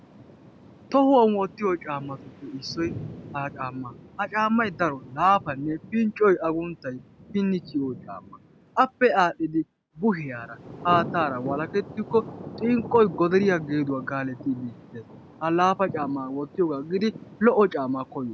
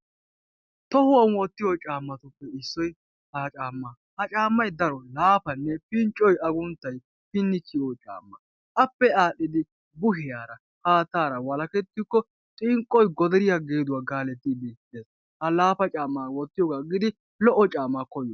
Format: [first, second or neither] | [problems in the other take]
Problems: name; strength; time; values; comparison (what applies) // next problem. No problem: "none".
second | background sound (Thunder); 15 dB below the speech